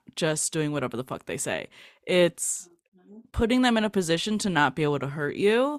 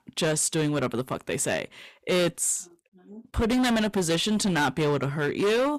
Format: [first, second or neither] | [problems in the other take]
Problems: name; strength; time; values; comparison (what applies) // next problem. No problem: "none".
first | distortion; heavy; 15% of the sound clipped